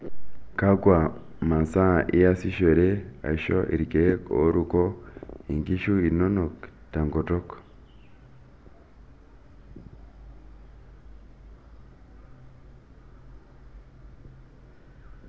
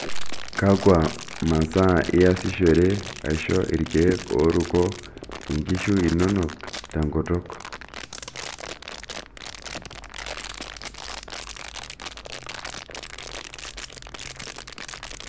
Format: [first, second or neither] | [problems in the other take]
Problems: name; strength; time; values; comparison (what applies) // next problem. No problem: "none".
first | background sound (Crumpling, crinkling); 13 dB below the speech